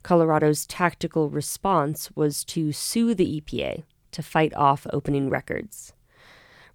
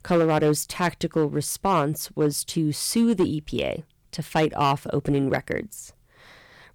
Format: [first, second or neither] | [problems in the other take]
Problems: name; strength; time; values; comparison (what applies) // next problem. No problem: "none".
first | distortion; slight; 3% of the sound clipped